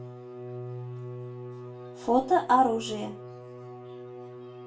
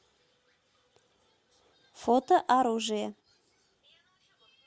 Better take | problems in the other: second | background sound (Bowed string instrument); 10 dB below the speech // room echo; dies away in 0.3 s

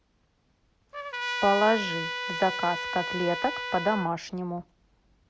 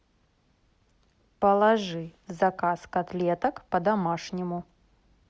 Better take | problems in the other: second | background sound (Trumpet); 4 dB below the speech

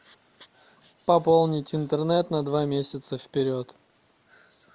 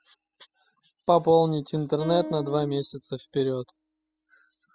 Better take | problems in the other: first | noise reduction (classical method spectral subtraction)

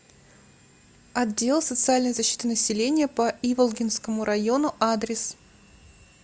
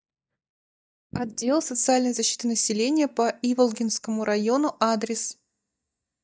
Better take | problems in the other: first | noise reduction (neural mask model DeepFilterNet 3)

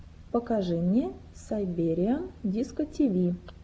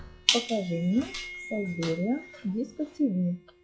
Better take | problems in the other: first | noise reduction (classical method log-MMSE)

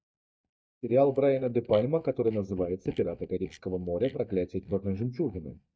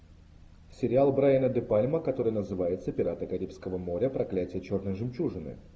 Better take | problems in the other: second | noise reduction (neural mask model DeepFilterNet 3)

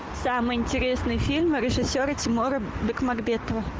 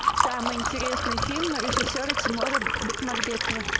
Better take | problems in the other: first | background sound (Liquid); 4 dB above the speech

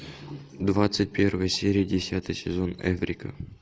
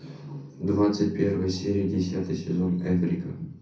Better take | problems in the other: first | room echo; dies away in 0.6 s

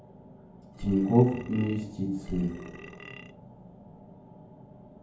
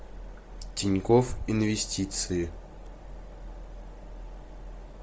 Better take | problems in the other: second | background sound (Burping, eructation); 14 dB below the speech // room echo; dies away in 0.9 s

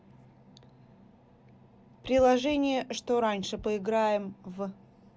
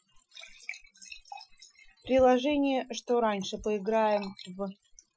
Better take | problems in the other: first | noise reduction (classical method Wiener filter)

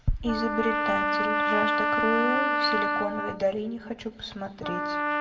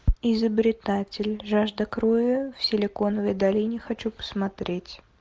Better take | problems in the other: second | background sound (Trumpet); 3 dB above the speech // room echo; dies away in 0.9 s

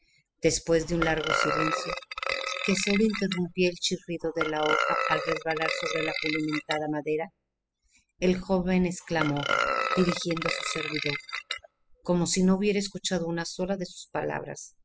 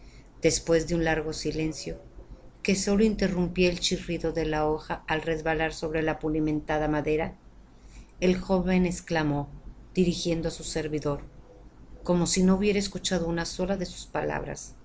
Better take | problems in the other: second | noise reduction (classical method spectral subtraction)

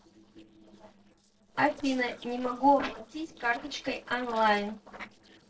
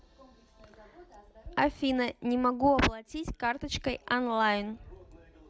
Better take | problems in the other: second | noise reduction (neural separator model SepFormer DNS4)

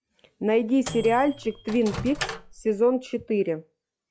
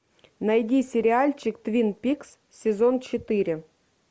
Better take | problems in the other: second | noise reduction (classical method log-MMSE)

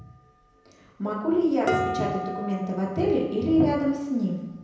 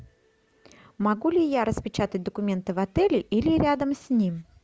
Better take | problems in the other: second | background sound (Dishes, pots, and pans); 9 dB below the speech // room echo; dies away in 0.9 s

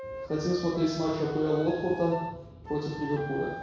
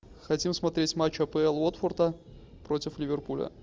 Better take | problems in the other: second | background sound (Wind instrument, woodwind instrument); 12 dB below the speech // room echo; dies away in 1.1 s

